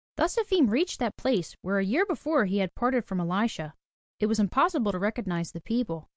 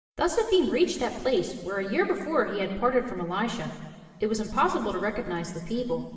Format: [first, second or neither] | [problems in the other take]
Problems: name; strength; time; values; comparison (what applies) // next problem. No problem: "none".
first | room echo; dies away in 2.2 s